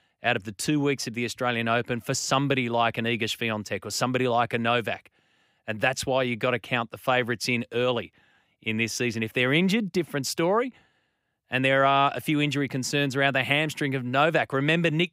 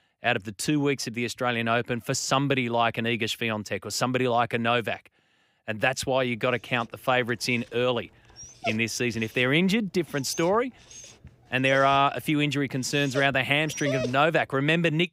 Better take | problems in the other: first | dog barking; noticeable; from 8.5 to 14 s; peak 5 dB below the speech

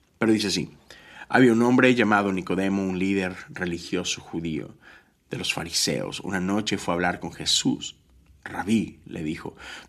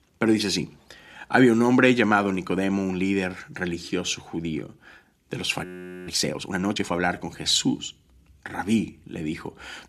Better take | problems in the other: first | audio freezing; at 5.5 s

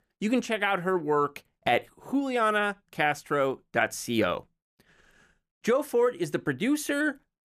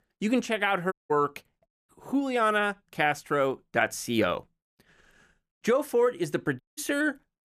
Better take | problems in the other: first | audio cutting out; at 1 s, at 1.5 s and at 6.5 s

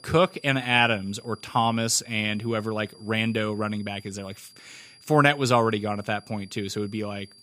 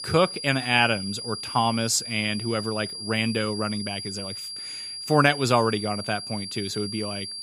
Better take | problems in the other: first | high-pitched whine; loud; throughout; 5 kHz, 8 dB below the speech; faint in the first

